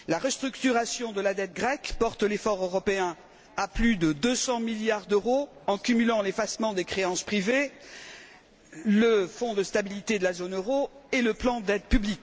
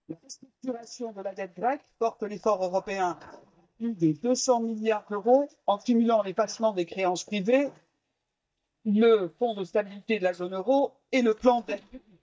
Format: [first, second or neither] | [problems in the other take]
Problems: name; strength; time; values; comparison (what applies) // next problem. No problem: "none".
first | noise reduction (neural mask model DeepFilterNet 3)